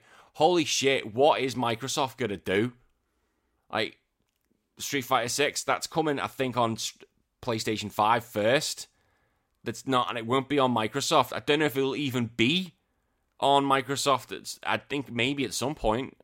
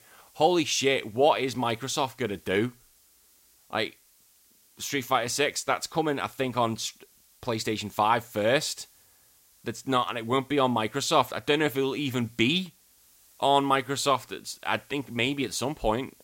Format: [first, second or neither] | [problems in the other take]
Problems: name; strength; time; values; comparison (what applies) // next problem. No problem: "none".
first | hiss; faint; throughout; 30 dB below the speech